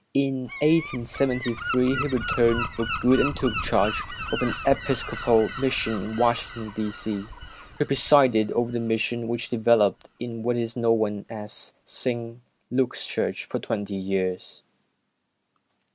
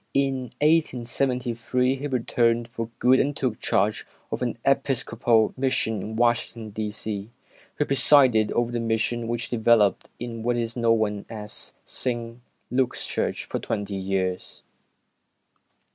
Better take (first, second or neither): second